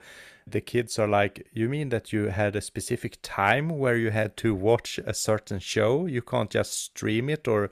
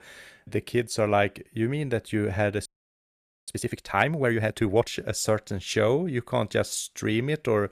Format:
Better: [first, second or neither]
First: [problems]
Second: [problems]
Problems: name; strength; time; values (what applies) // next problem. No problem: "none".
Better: first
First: none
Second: audio freezing; at 2.5 s for 1 s